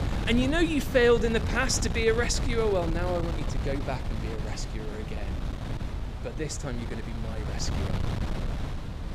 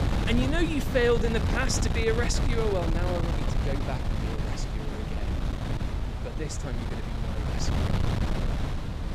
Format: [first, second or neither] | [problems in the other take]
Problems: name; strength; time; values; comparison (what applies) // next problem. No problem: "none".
first | wind noise on the microphone; heavy; 6 dB below the speech; occasional gusts in the first